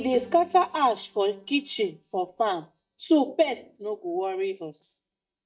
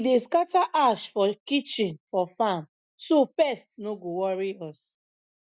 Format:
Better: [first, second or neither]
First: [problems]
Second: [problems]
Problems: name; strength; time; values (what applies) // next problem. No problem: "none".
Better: second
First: noise reduction (neural mask model DeepFilterNet 3)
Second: none